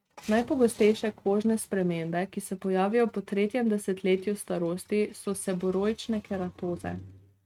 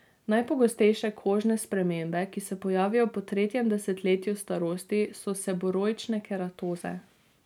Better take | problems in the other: second | noise reduction (neural mask model RNNoise)

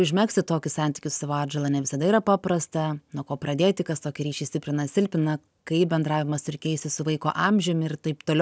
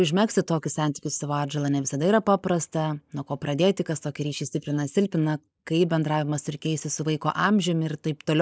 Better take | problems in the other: first | noise reduction (neural mask model Resemble Enhance denoiser)

